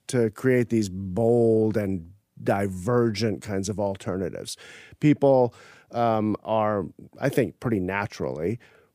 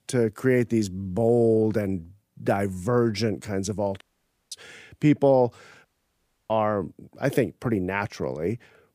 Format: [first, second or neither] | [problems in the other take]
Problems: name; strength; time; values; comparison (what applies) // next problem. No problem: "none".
first | audio cutting out; at 4 s for 0.5 s and at 6 s for 0.5 s